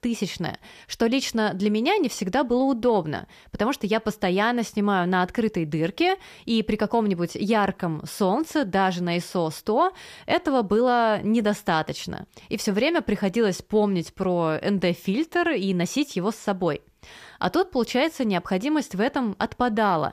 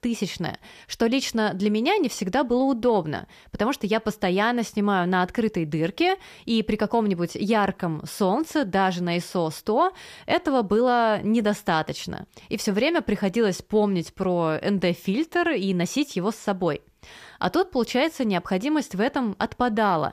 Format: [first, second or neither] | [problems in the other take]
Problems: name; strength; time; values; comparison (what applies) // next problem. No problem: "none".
neither | none